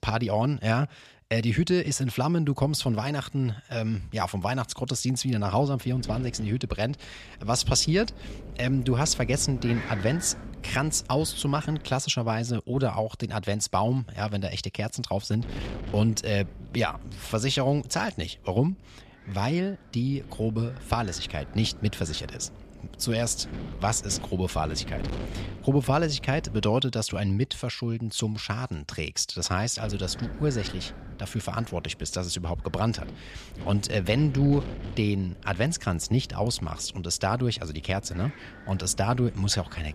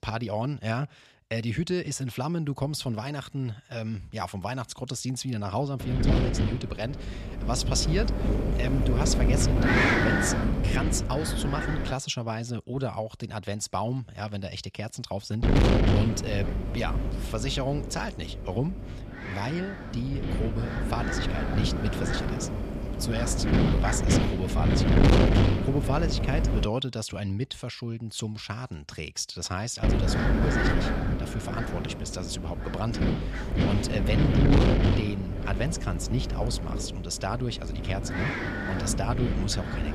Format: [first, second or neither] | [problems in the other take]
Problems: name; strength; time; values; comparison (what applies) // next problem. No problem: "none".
first | wind noise on the microphone; heavy; from 6 to 12 s, from 15 to 27 s and from 30 s on; 3 dB above the speech; occasional gusts in the first